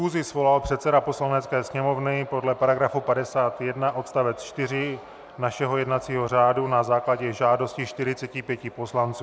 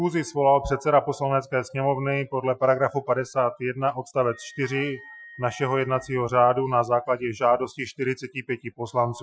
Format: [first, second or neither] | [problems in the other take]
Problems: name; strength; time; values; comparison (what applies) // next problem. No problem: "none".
first | noise reduction (classical method Wiener filter)